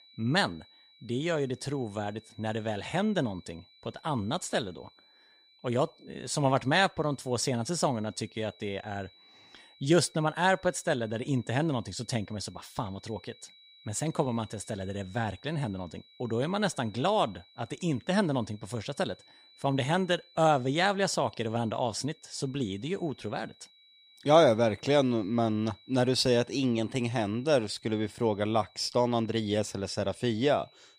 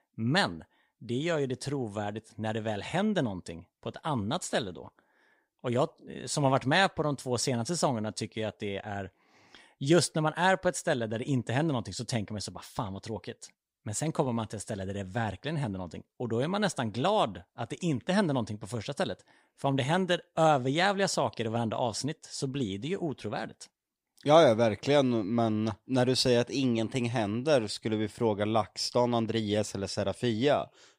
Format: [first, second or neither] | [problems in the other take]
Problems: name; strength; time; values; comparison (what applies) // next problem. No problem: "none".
second | high-pitched whine; faint; throughout; 4 kHz, 25 dB below the speech